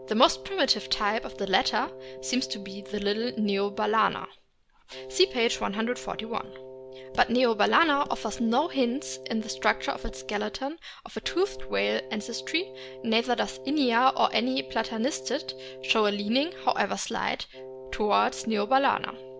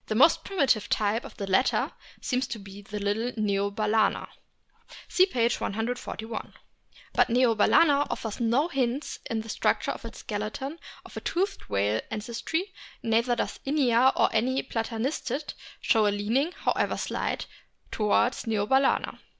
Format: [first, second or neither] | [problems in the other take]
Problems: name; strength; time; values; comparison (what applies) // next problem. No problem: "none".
second | background sound (Wind instrument, woodwind instrument); 15 dB below the speech